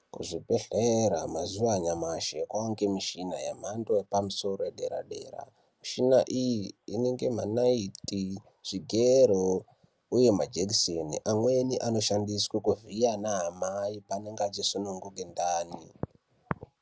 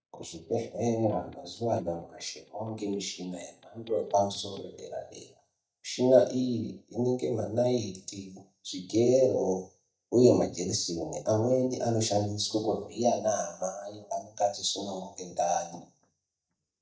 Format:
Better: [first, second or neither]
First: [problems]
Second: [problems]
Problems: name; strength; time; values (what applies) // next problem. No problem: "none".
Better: first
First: none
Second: noise reduction (neural mask model DeepFilterNet 3)